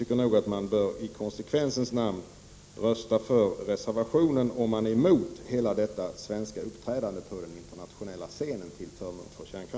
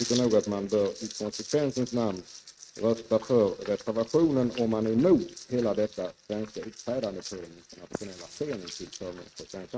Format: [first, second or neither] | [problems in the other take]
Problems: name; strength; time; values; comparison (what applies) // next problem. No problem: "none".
first | noise reduction (neural mask model RNNoise)